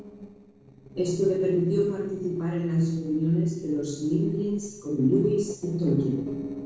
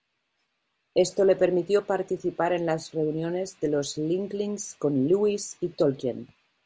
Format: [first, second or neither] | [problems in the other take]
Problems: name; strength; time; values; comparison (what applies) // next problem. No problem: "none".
second | noise reduction (neural separator model SepFormer DNS4)